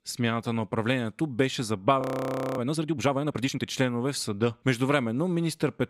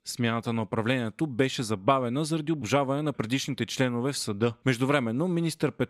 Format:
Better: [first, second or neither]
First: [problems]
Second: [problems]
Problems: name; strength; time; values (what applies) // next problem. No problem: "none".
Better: second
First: audio freezing; at 2 s for 0.5 s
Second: none